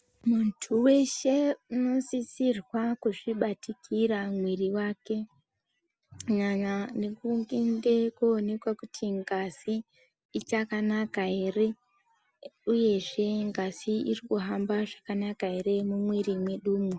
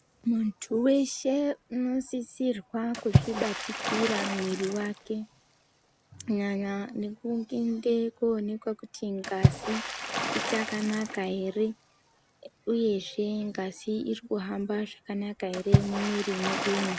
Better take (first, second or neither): first